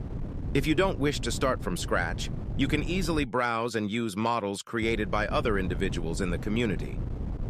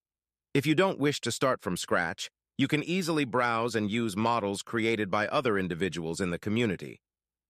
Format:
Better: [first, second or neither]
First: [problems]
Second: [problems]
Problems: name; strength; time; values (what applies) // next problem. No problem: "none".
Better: second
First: wind noise on the microphone; occasional gusts; until 3 s and from 5 s on; 15 dB below the speech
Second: none